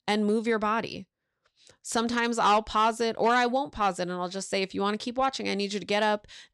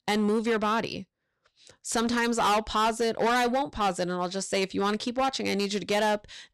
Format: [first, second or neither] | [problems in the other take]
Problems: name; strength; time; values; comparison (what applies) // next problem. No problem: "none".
first | distortion; slight; 11% of the sound clipped